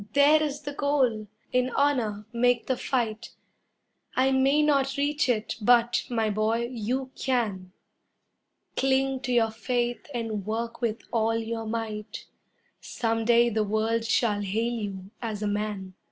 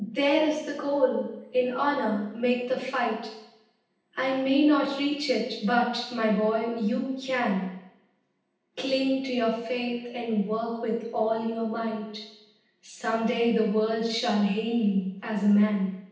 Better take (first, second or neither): first